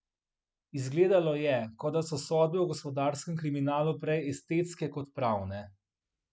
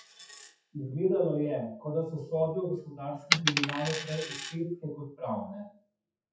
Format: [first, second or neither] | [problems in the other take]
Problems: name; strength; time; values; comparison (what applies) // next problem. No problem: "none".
first | noise reduction (classical method WPE with log-MMSE)